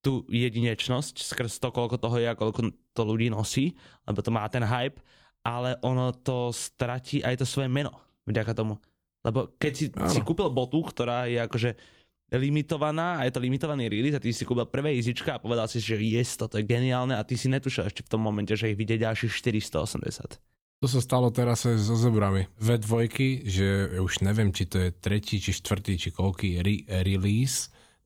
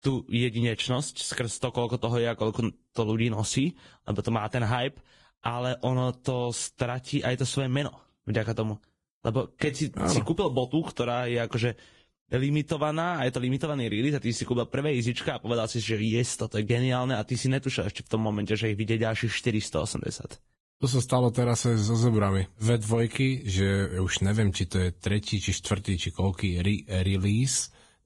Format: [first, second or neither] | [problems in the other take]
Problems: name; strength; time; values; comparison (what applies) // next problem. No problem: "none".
first | garbled, watery; badly; nothing above 10.5 kHz